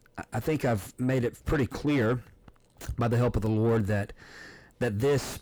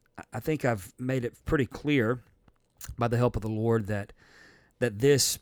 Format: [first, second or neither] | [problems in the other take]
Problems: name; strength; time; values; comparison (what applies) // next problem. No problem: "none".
second | distortion; heavy; 6 dB below the speech